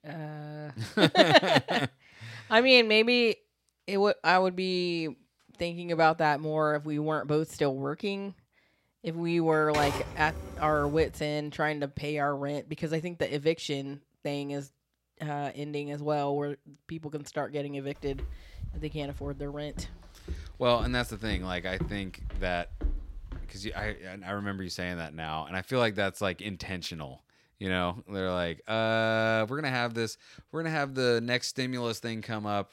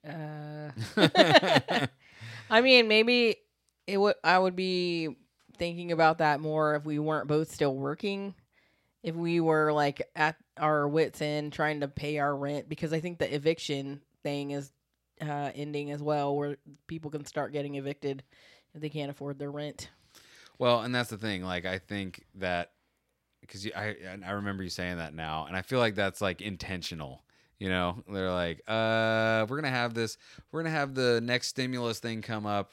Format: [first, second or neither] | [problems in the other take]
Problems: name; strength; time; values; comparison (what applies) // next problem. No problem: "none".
second | keyboard typing; noticeable; from 9.5 to 11 s; peak 4 dB below the speech // footsteps; noticeable; from 18 to 24 s; peak 8 dB below the speech